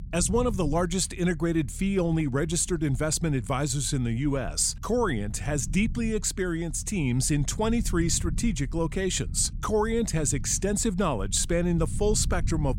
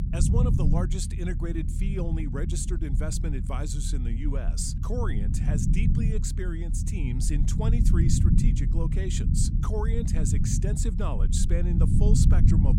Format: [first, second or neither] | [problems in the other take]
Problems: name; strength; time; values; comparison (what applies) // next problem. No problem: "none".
first | low rumble; loud; throughout; 2 dB below the speech; faint in the first